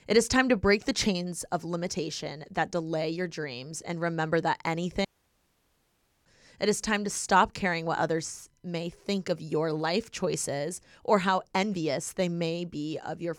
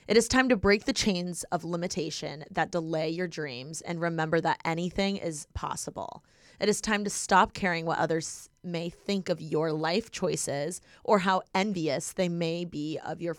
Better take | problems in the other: second | audio cutting out; at 5 s for 1 s

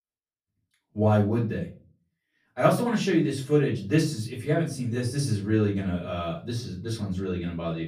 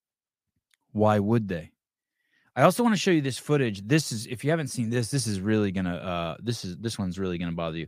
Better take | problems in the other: second | off-mic speech; far // room echo; slight; dies away in 0.3 s

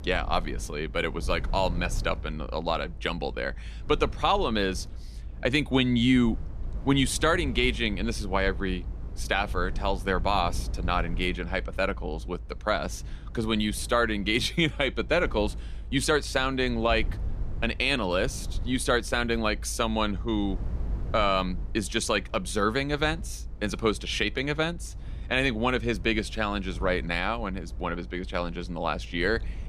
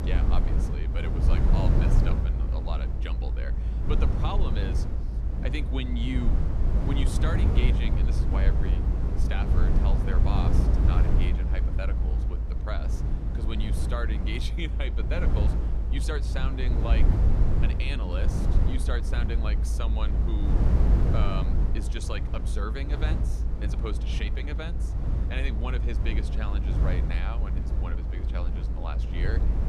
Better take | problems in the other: first | low rumble; loud; throughout; 2 dB below the speech; faint in the first

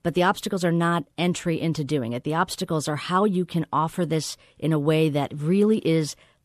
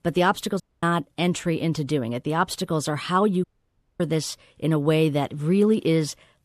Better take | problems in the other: first | audio cutting out; at 0.5 s and at 3.5 s for 0.5 s

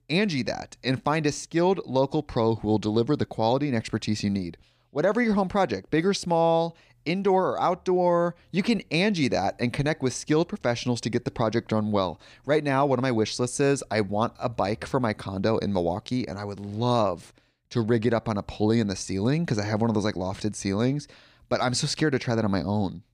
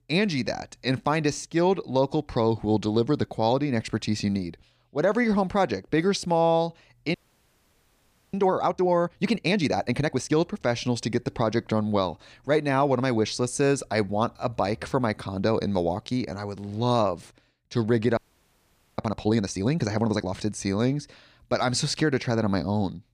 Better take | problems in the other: first | audio freezing; at 7 s for 1 s and at 18 s for 1 s

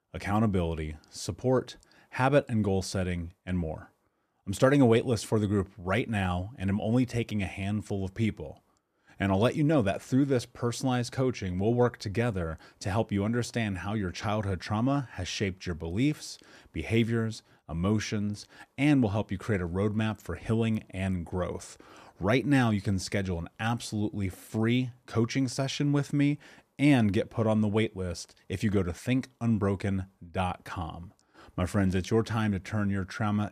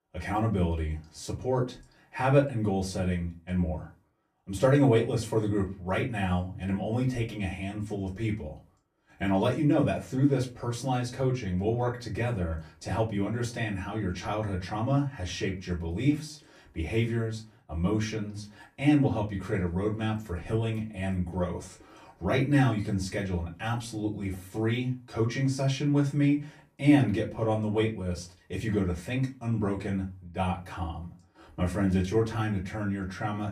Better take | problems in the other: first | off-mic speech; far // room echo; very slight; dies away in 0.2 s

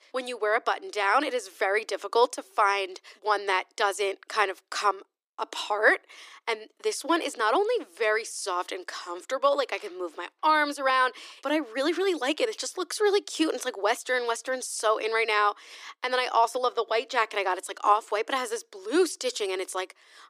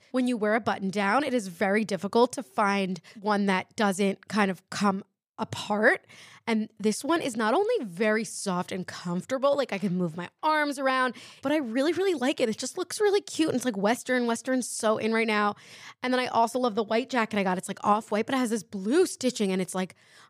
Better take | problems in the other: second | thin; very; fading below 300 Hz

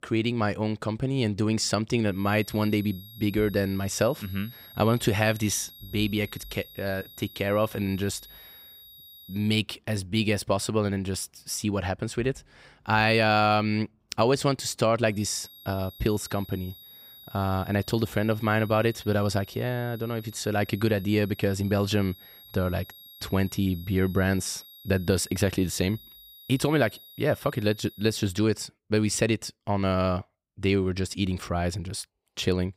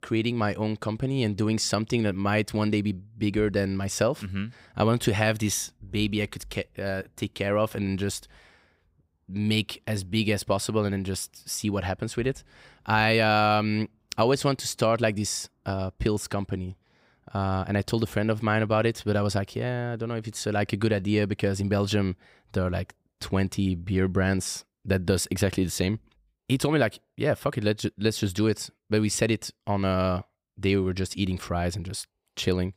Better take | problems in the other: second | high-pitched whine; noticeable; from 2 to 9.5 s and from 15 to 28 s; 4 kHz, 20 dB below the speech

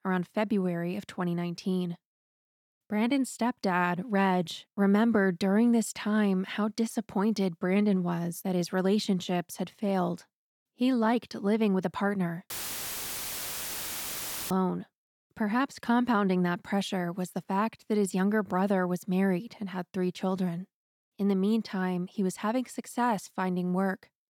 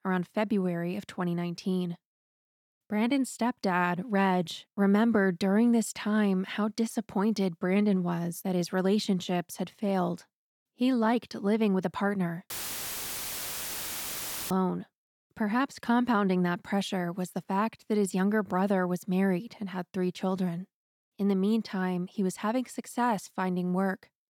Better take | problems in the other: neither | audio cutting out; filled with static; at 13 s for 2 s; the same in both

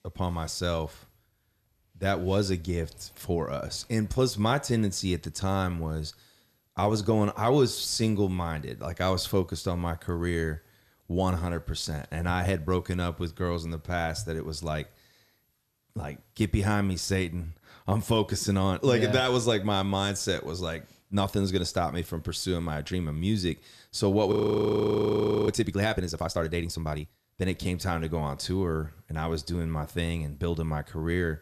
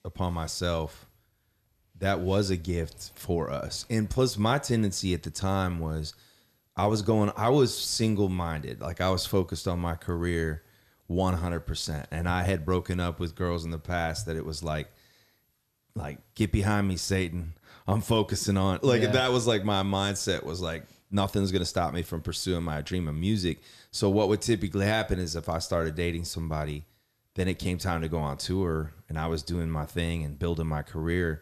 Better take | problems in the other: second | audio freezing; at 24 s for 1 s

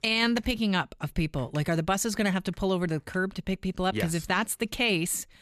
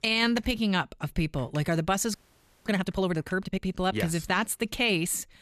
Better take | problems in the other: first | audio freezing; at 2 s for 0.5 s

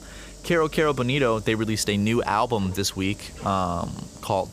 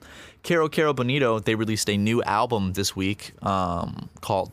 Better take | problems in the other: second | hiss; noticeable; throughout; 20 dB below the speech

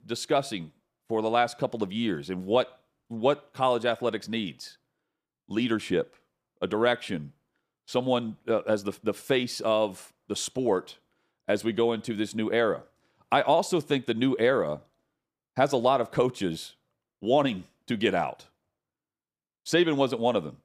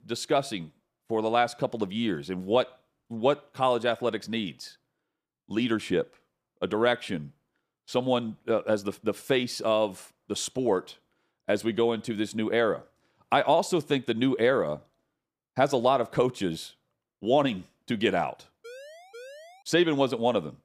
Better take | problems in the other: first | siren; faint; at 19 s; peak 15 dB below the speech

